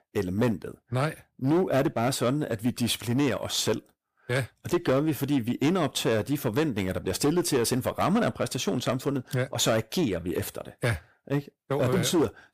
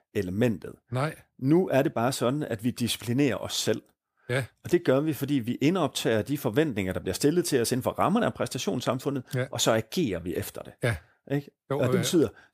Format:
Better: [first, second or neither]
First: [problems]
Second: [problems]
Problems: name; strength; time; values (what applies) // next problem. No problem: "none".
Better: second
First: distortion; slight; 7% of the sound clipped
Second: none